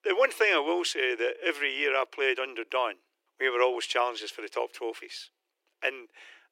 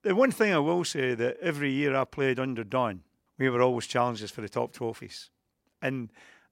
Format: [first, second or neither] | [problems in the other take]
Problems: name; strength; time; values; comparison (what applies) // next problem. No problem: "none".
second | thin; very; fading below 350 Hz